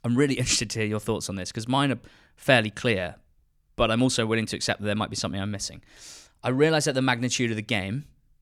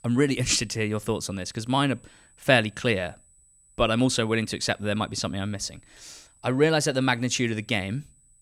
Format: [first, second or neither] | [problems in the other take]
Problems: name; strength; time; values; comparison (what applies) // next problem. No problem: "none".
first | high-pitched whine; faint; throughout; 8 kHz, 30 dB below the speech